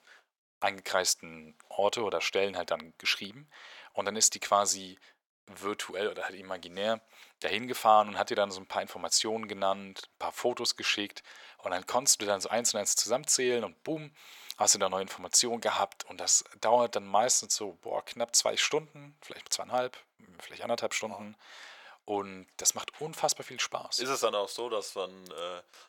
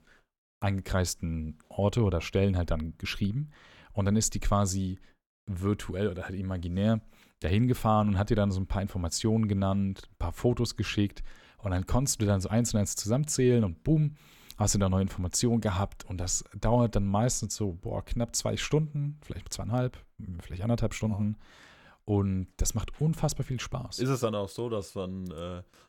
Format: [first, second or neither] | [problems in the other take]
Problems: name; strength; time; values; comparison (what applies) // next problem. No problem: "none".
second | thin; very; fading below 600 Hz